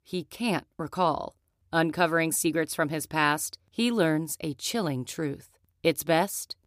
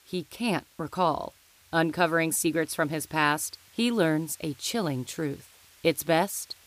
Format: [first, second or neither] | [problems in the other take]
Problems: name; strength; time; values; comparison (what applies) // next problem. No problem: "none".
first | hiss; faint; throughout; 25 dB below the speech